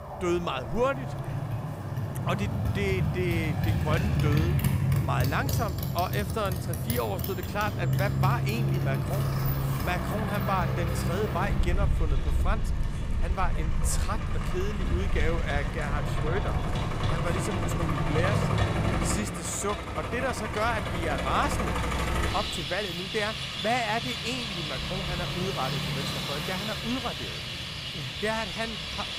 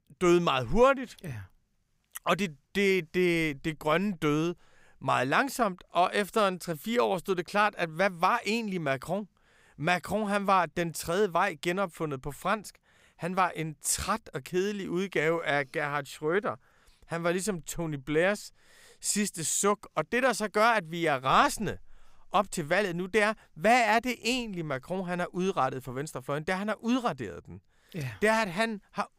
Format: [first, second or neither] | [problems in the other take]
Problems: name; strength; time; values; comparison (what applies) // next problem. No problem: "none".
second | traffic noise; very loud; throughout; 3 dB above the speech